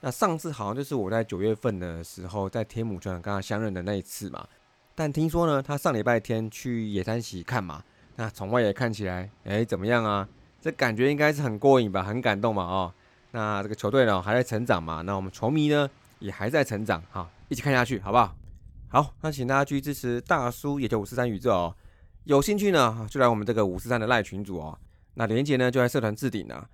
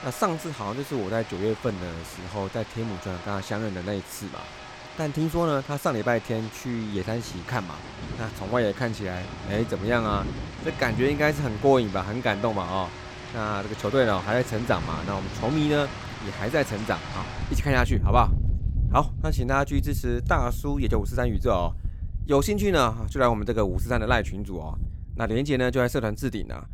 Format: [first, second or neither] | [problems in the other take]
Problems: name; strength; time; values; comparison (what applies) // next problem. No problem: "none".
first | rain or running water; loud; throughout; 7 dB below the speech; faint in the first